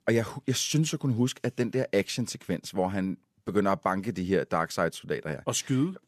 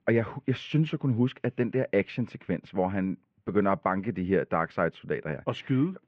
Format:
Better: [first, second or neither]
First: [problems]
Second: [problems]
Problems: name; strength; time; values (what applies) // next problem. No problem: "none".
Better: first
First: none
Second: muffled; very; fading above 2.5 kHz